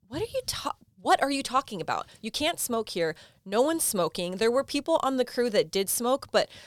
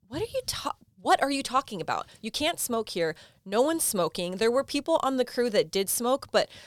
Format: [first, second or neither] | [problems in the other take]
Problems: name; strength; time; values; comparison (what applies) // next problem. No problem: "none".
neither | none